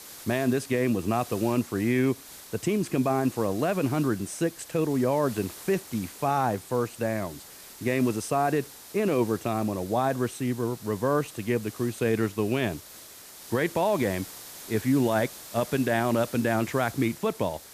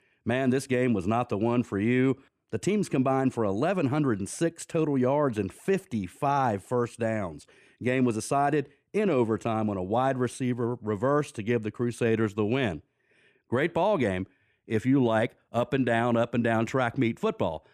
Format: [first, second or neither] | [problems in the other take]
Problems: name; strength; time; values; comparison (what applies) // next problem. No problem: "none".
second | hiss; noticeable; throughout; 15 dB below the speech